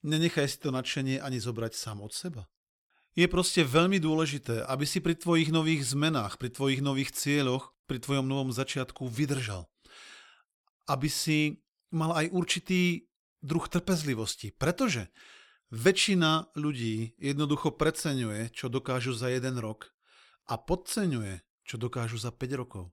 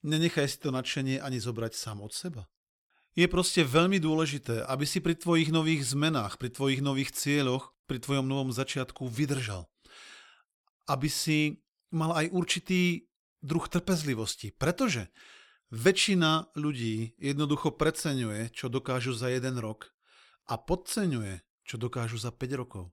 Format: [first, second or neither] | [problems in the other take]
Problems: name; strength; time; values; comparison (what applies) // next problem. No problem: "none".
neither | none